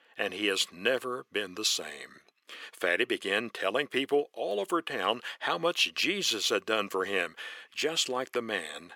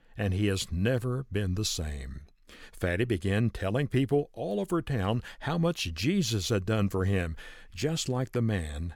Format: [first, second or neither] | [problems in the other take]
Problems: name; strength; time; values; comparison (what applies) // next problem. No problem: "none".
second | thin; very; fading below 350 Hz